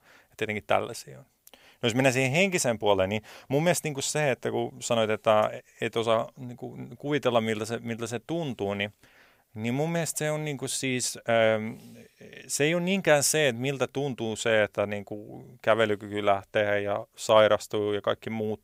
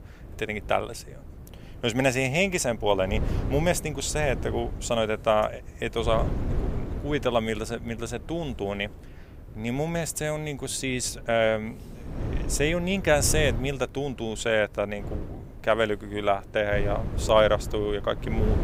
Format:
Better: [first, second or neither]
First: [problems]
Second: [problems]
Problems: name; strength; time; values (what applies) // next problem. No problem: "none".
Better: first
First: none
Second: wind noise on the microphone; occasional gusts; 15 dB below the speech